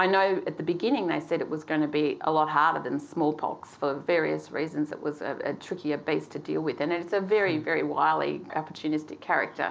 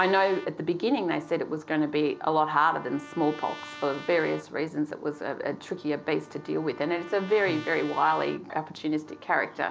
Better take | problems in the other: first | background sound (Trumpet); 19 dB below the speech

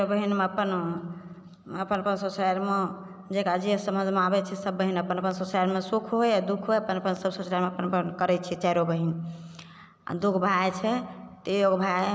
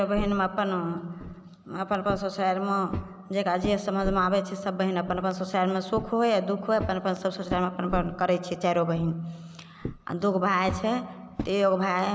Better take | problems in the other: first | background sound (Walk, footsteps); 12 dB below the speech

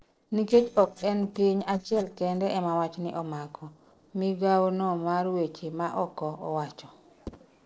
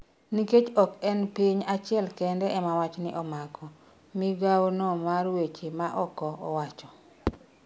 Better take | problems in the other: second | noise reduction (neural separator model SepFormer DNS4)

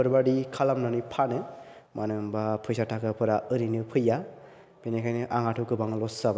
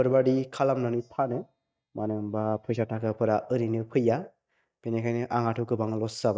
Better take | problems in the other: first | noise reduction (neural mask model DeepFilterNet 3)

